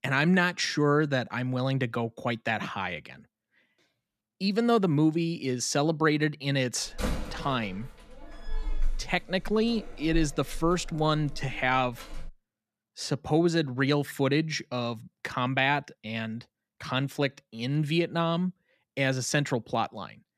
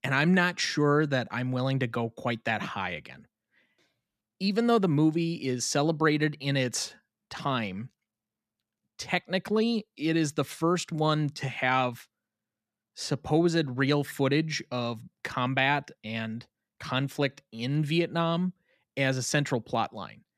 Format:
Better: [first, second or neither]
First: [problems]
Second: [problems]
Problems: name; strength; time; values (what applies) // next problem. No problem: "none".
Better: second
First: door banging; noticeable; from 7 to 12 s; peak 5 dB below the speech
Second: none